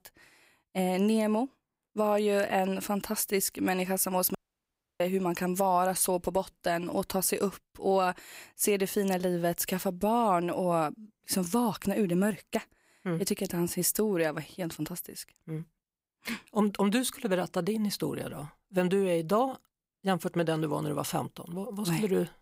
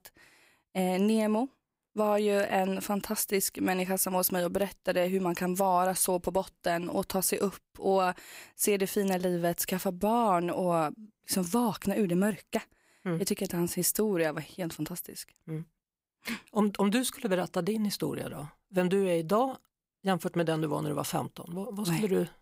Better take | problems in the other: second | audio cutting out; at 4.5 s for 0.5 s

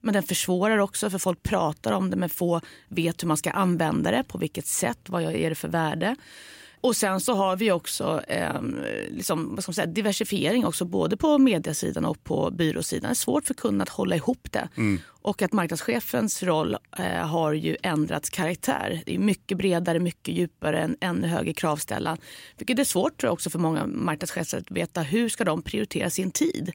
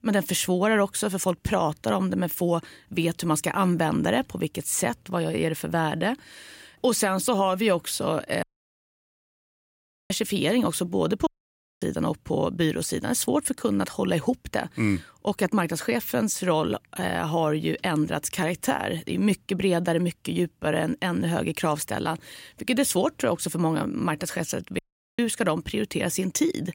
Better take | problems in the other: first | audio cutting out; at 8.5 s for 1.5 s, at 11 s for 0.5 s and at 25 s

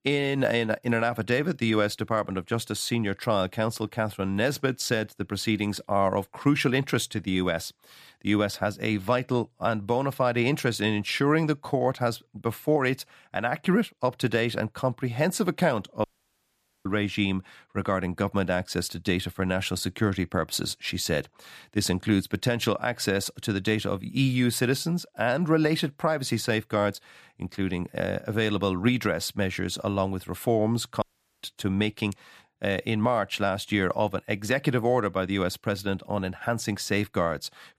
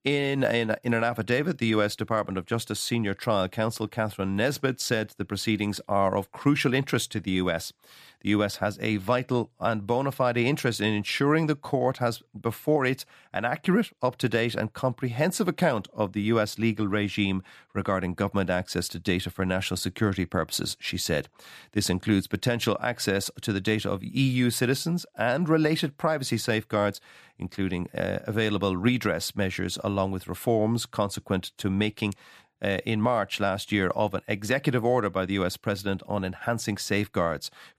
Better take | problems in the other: second | audio cutting out; at 16 s for 1 s and at 31 s

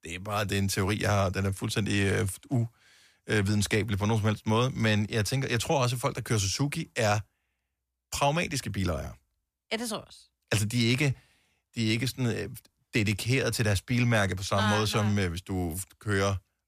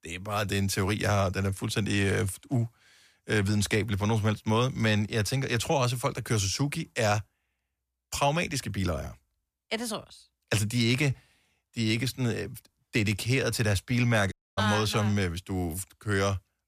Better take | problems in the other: first | audio cutting out; at 14 s

